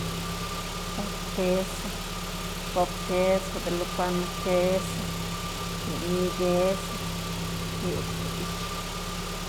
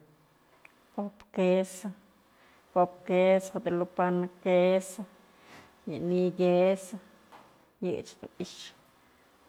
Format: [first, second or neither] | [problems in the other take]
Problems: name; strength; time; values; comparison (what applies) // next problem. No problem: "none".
second | background sound (Engine / Car); 1 dB below the speech